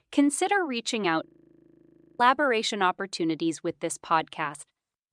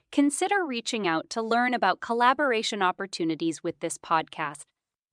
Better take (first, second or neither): second